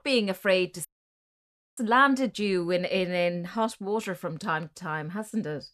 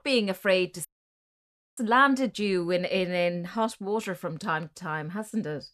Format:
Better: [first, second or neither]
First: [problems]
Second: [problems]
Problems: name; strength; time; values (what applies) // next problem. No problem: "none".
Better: neither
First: audio cutting out; at 1 s for 1 s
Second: audio cutting out; at 1 s for 1 s